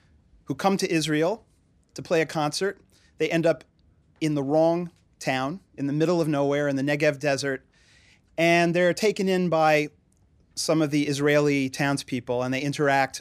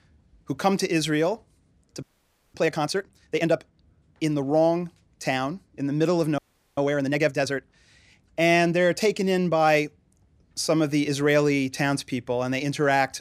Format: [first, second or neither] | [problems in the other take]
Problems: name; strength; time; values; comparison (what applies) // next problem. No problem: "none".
first | audio freezing; at 2 s for 0.5 s and at 6.5 s